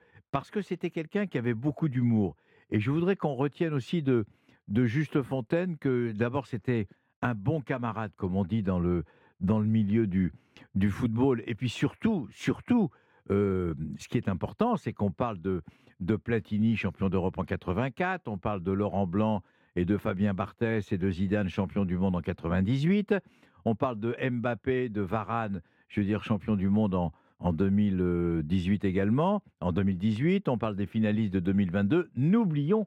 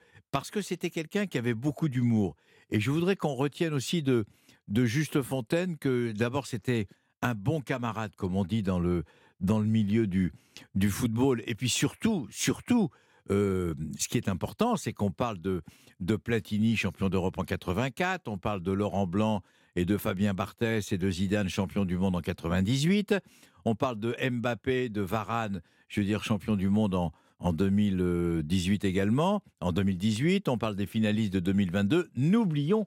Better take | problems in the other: second | muffled; very; fading above 3.5 kHz

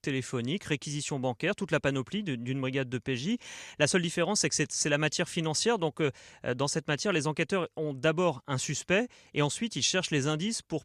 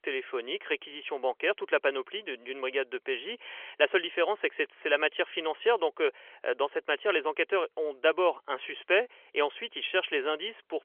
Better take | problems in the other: first | phone-call audio; nothing above 3.5 kHz

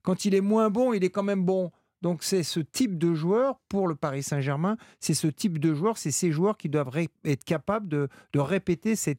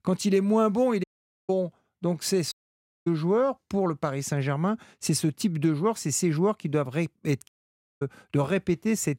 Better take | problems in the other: first | audio cutting out; at 1 s, at 2.5 s for 0.5 s and at 7.5 s for 0.5 s

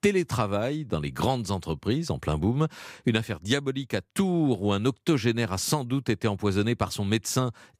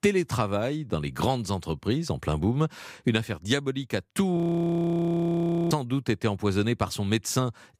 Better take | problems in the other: first | audio freezing; at 4.5 s for 1.5 s

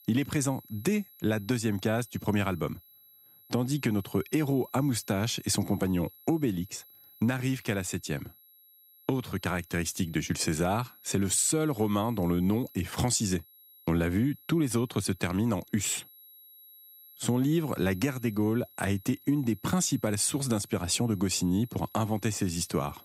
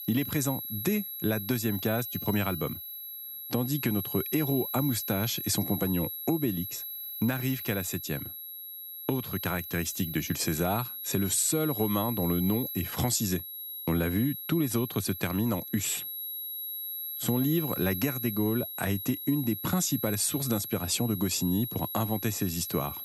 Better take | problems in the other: first | high-pitched whine; loud; throughout; 11.5 kHz, 5 dB below the speech; faint in the first

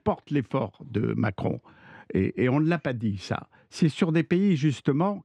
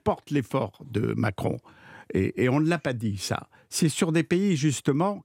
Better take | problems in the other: second | muffled; slightly; fading above 3.5 kHz

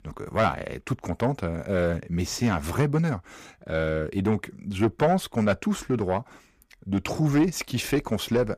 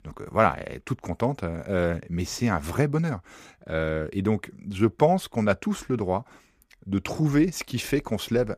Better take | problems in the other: second | distortion; slight; 10 dB below the speech

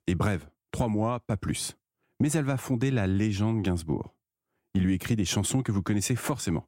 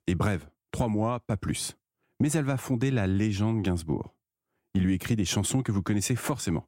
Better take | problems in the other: neither | none

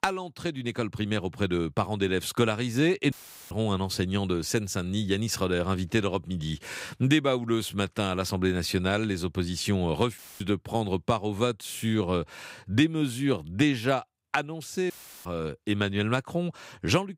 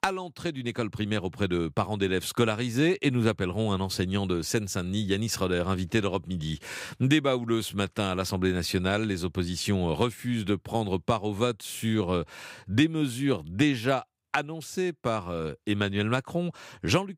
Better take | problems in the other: second | audio cutting out; filled with static; at 3 s, at 10 s and at 15 s

